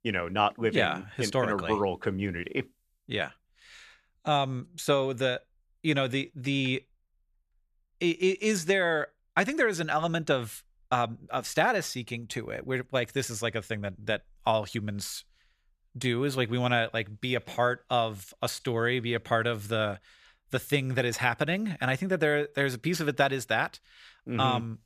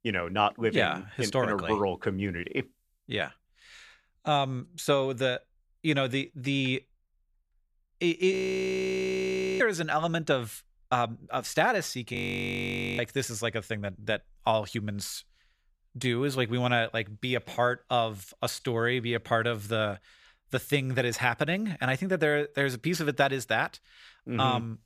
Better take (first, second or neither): first